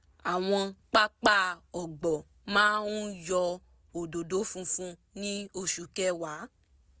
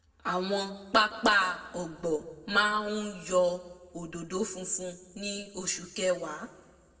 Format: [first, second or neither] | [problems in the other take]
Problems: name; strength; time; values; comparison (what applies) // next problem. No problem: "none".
first | room echo; dies away in 1 s